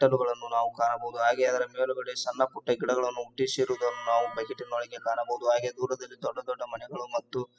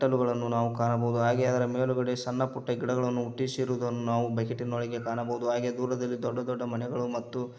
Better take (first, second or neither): second